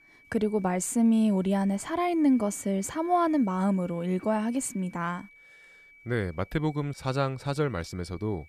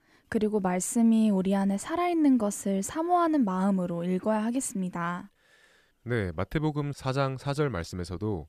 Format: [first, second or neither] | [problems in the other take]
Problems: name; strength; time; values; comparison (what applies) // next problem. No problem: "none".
second | high-pitched whine; faint; throughout; 2.5 kHz, 25 dB below the speech